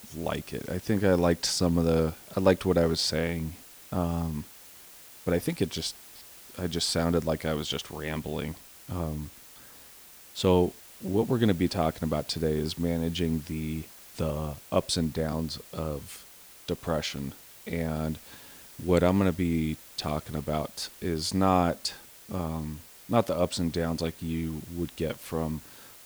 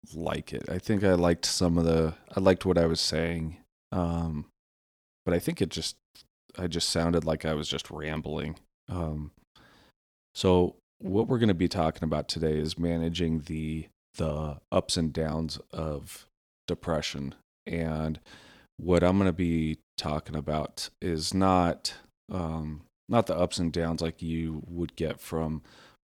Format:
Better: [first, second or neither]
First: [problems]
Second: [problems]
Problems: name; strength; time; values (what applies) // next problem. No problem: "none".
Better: second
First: hiss; noticeable; throughout; 20 dB below the speech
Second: none